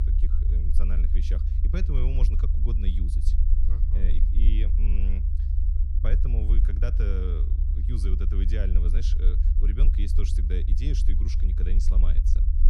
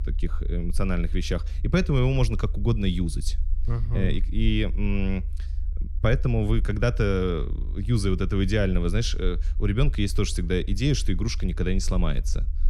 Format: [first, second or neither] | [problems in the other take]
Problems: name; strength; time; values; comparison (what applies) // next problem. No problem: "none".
second | low rumble; loud; throughout; 3 dB below the speech; faint in the second